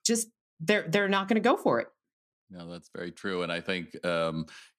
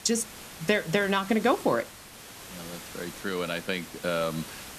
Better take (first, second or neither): first